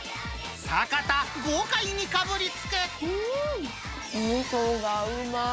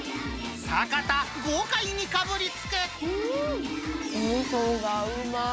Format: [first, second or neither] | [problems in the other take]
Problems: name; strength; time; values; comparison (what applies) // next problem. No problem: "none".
first | background sound (Marimba, xylophone); 9 dB below the speech